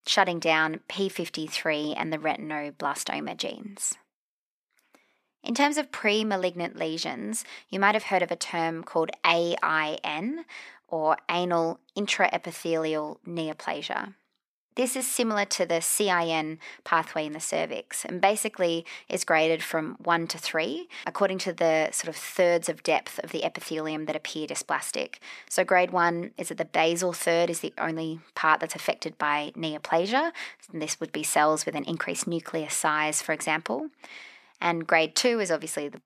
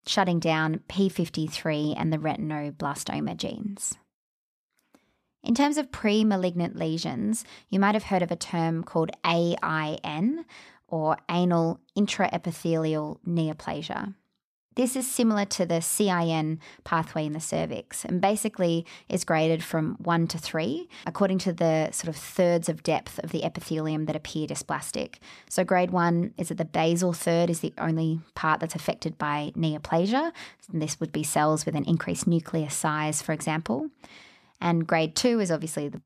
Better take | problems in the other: second | thin; somewhat; fading below 350 Hz

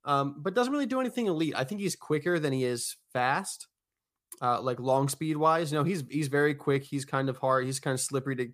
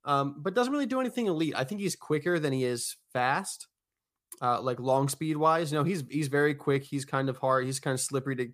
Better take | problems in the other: neither | none

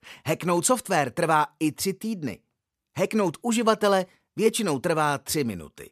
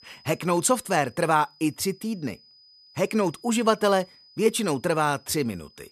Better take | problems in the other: first | high-pitched whine; faint; throughout; 5 kHz, 25 dB below the speech

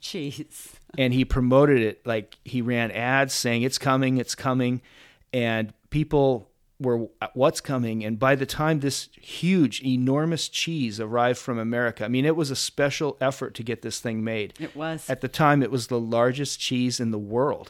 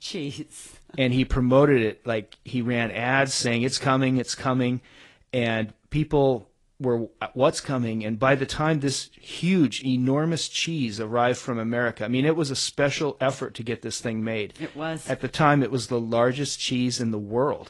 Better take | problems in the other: first | garbled, watery; slightly; nothing above 10 kHz

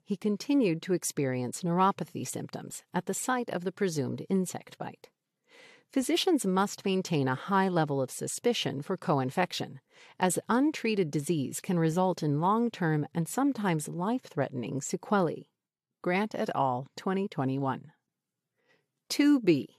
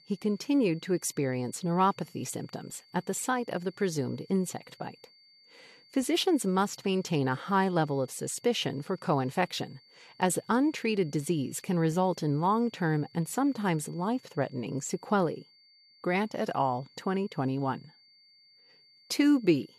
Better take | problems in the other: first | high-pitched whine; faint; throughout; 4.5 kHz, 30 dB below the speech

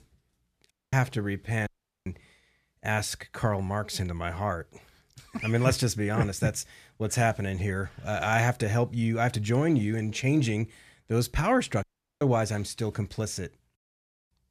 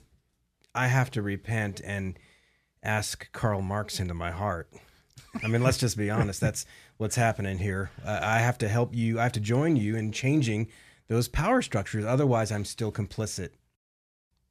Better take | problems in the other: second | audio cutting out; at 0.5 s, at 1.5 s and at 12 s

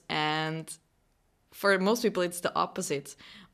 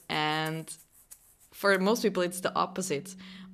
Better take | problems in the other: first | background music; faint; throughout; 20 dB below the speech

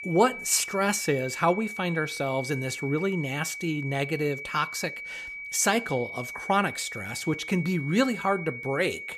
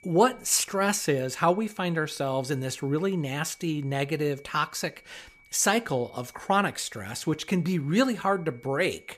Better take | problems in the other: second | high-pitched whine; loud; throughout; 2.5 kHz, 8 dB below the speech; faint in the second

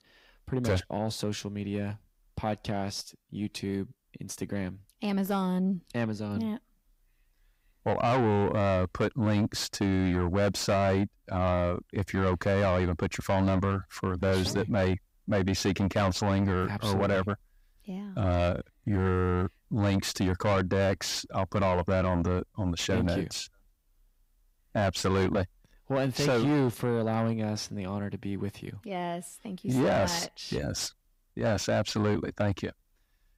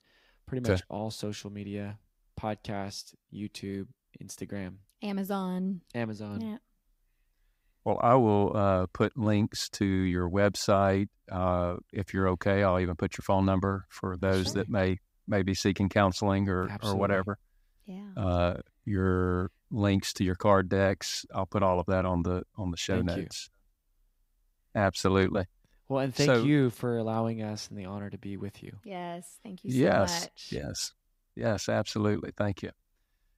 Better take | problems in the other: second | distortion; heavy; 8 dB below the speech

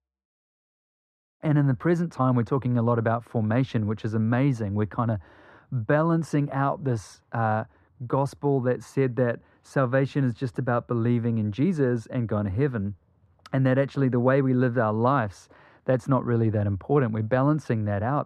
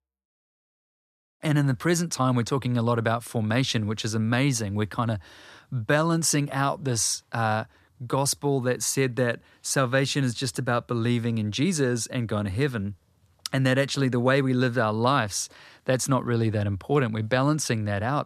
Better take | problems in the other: second | muffled; very; fading above 2.5 kHz

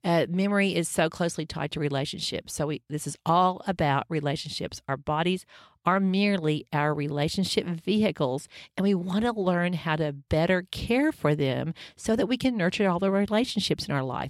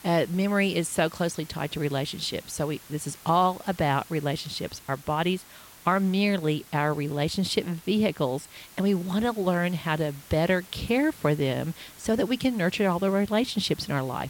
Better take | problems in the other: first | hiss; faint; throughout; 20 dB below the speech

